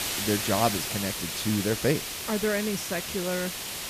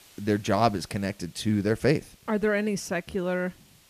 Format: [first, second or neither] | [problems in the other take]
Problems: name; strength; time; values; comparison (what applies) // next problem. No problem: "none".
second | hiss; loud; throughout; 2 dB below the speech; faint in the second